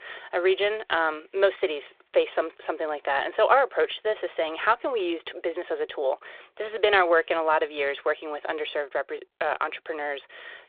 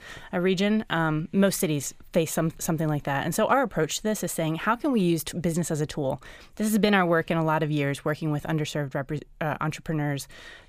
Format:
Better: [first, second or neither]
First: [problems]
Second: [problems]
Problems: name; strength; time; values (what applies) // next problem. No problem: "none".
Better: second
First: phone-call audio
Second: none